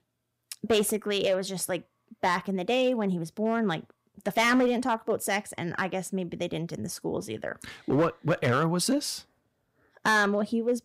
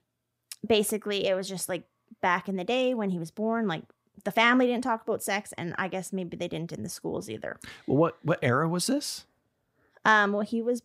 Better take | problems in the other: second | distortion; slight; 3% of the sound clipped

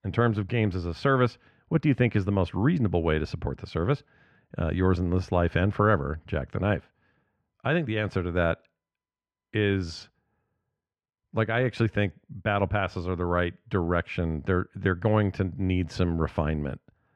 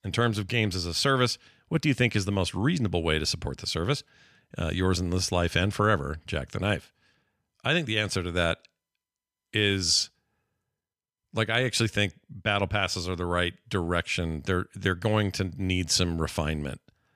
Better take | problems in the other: second | muffled; very; fading above 3.5 kHz

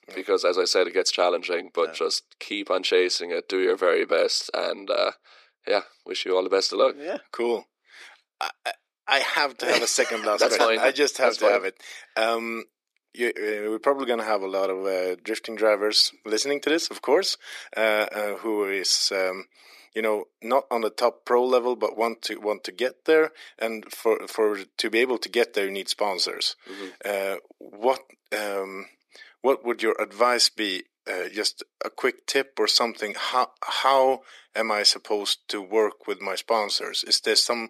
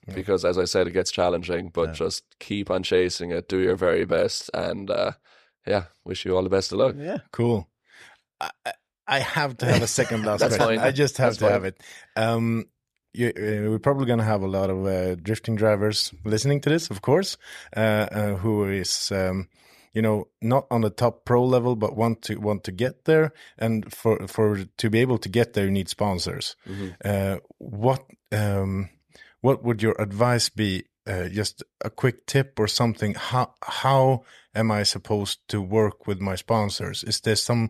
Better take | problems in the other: second | thin; somewhat; fading below 300 Hz

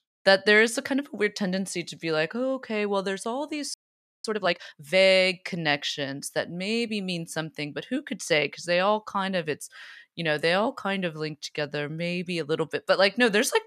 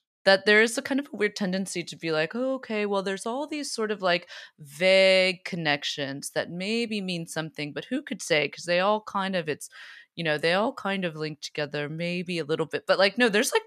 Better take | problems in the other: second | audio freezing; at 3.5 s for 0.5 s

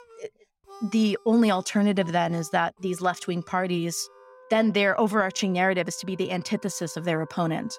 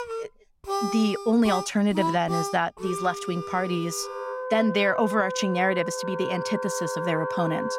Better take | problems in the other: first | background music; loud; throughout; 6 dB below the speech; faint in the first

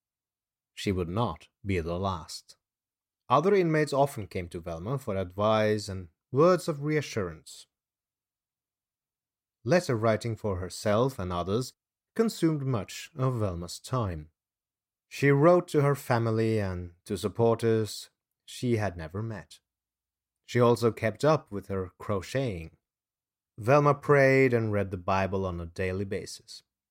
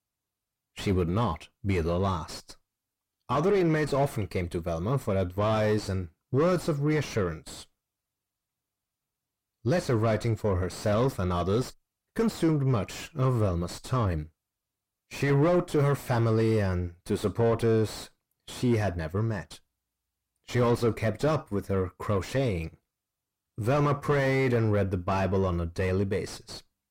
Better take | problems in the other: first | distortion; heavy; 5 dB below the speech

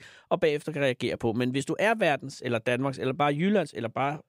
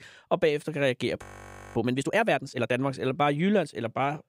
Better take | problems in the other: first | audio freezing; at 1 s for 0.5 s

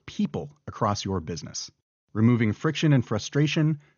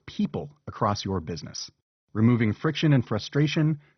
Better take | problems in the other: first | garbled, watery; badly; nothing above 6 kHz; slightly in the first

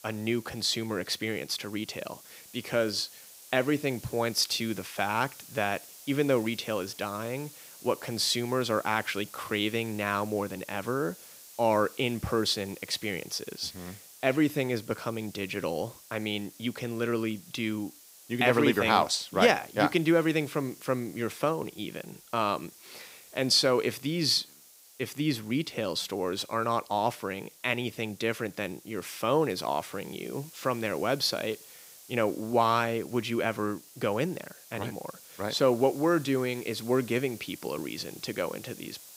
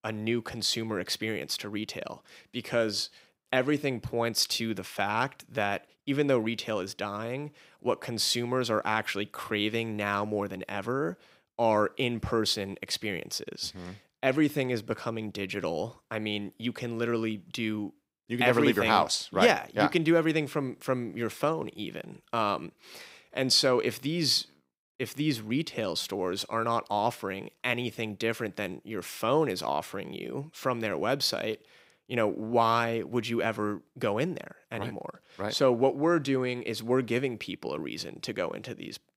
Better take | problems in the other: second | hiss; noticeable; throughout; 20 dB below the speech

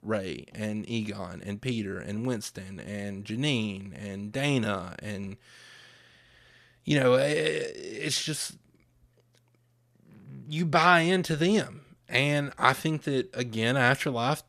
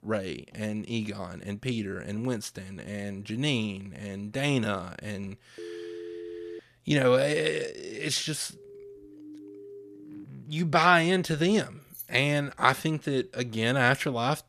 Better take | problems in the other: first | phone ringing; faint; from 5.5 to 6.5 s; peak 10 dB below the speech // siren; faint; from 8.5 to 10 s; peak 15 dB below the speech // jangling keys; faint; at 12 s; peak 15 dB below the speech

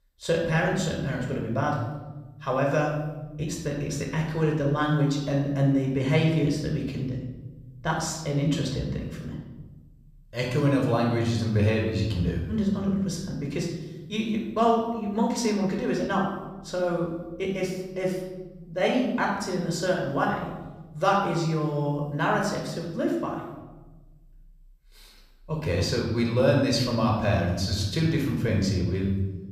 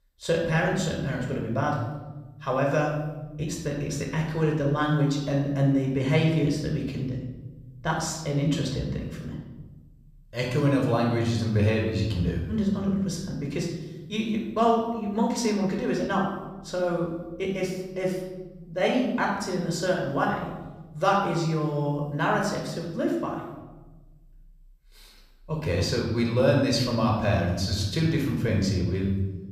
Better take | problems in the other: neither | off-mic speech; somewhat distant; the same in both // room echo; noticeable; dies away in 1.2 s; the same in both

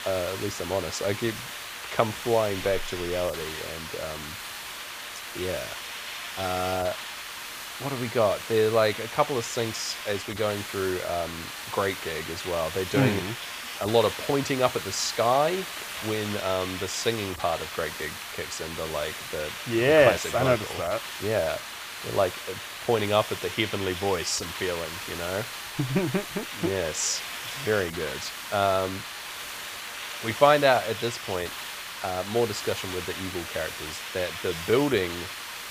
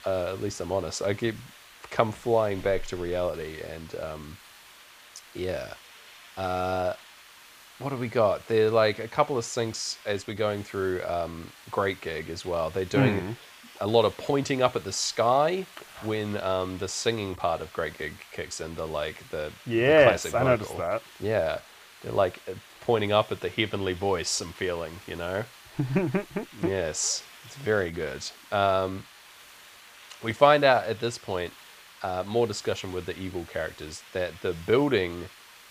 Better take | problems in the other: second | hiss; loud; throughout; 7 dB below the speech; faint in the second

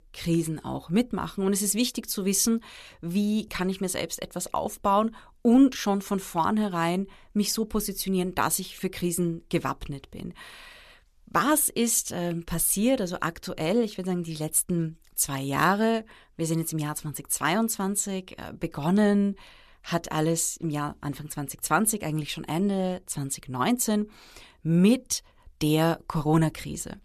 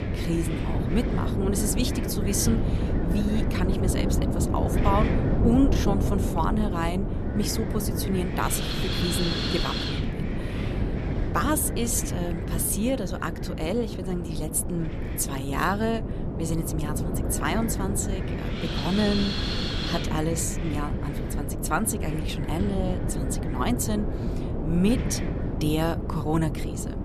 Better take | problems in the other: first | wind noise on the microphone; heavy; 3 dB below the speech

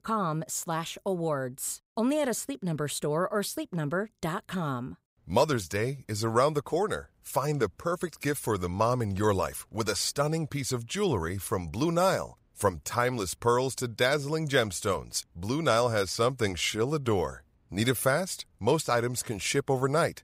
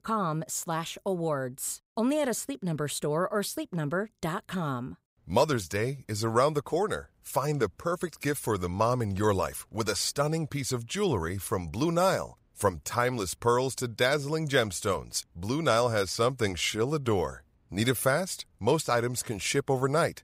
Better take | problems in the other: neither | none

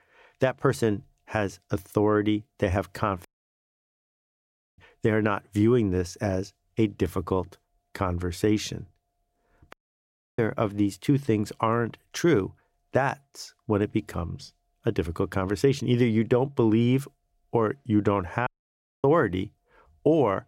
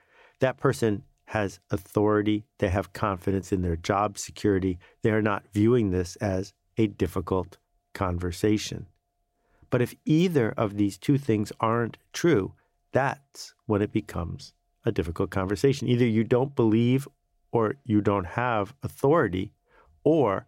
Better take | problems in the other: second | audio cutting out; at 3.5 s for 1.5 s, at 9.5 s for 0.5 s and at 18 s for 0.5 s

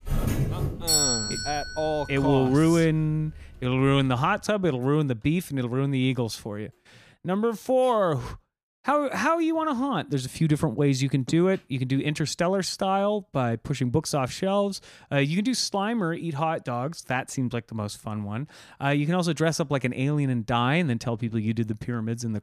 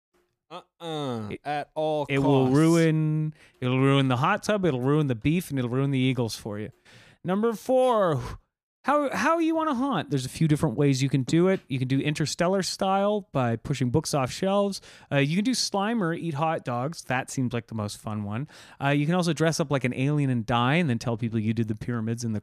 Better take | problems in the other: second | doorbell; loud; until 4 s; peak 5 dB above the speech

